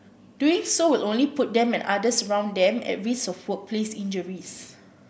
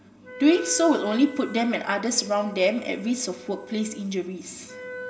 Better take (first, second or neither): first